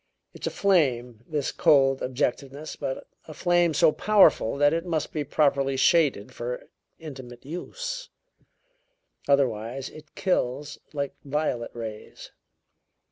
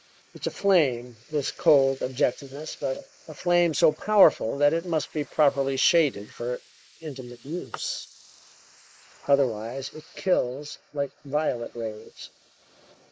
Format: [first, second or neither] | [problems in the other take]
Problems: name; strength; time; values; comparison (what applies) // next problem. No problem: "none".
first | noise reduction (neural mask model Resemble Enhance denoiser)